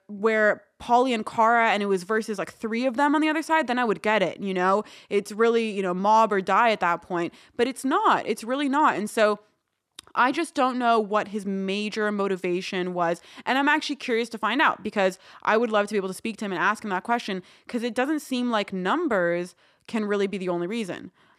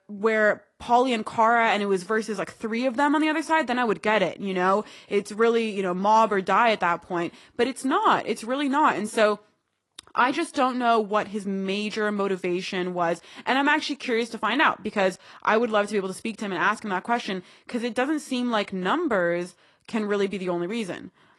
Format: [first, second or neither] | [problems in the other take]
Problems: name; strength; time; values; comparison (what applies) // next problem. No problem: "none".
first | garbled, watery; slightly; nothing above 11 kHz